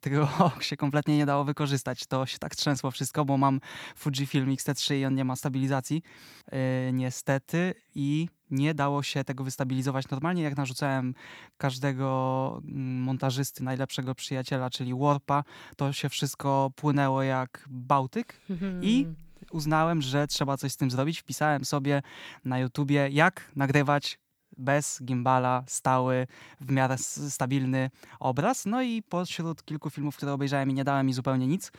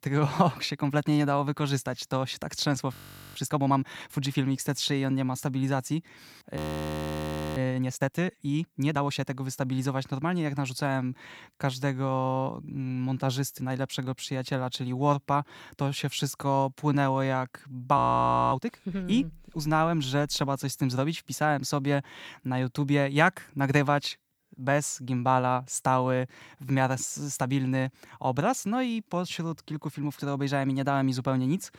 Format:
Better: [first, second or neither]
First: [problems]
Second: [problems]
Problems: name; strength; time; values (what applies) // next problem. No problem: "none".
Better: first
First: none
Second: audio freezing; at 3 s, at 6.5 s for 1 s and at 18 s for 0.5 s